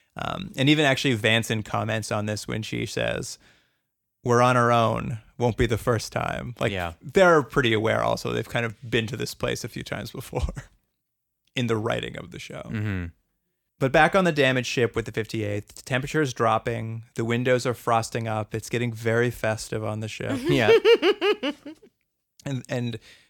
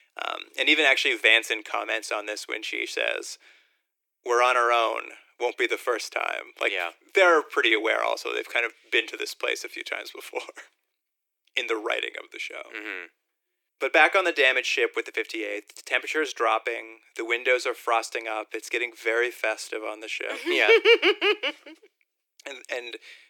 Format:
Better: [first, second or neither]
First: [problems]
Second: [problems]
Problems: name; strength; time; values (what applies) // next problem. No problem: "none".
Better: first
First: none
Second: thin; very; fading below 300 Hz